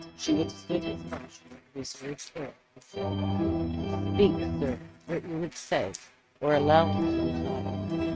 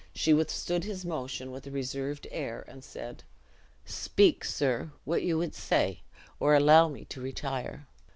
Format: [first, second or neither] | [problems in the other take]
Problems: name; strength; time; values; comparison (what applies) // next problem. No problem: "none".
second | noise reduction (neural mask model RNNoise)